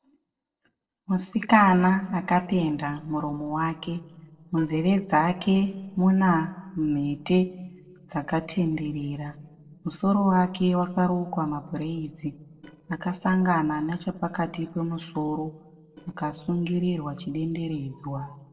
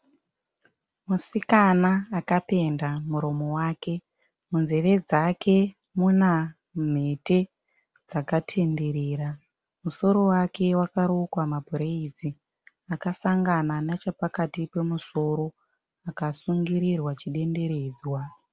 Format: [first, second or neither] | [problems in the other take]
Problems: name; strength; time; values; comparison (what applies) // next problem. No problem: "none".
second | noise reduction (neural separator model SepFormer DNS4)